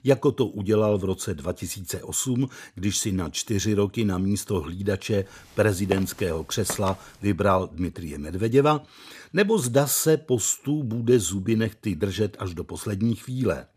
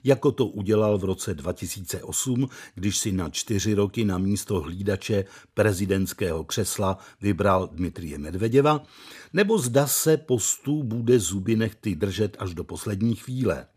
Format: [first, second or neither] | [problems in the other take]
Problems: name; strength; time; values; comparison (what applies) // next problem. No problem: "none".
second | footsteps; noticeable; at 6 s; peak 9 dB below the speech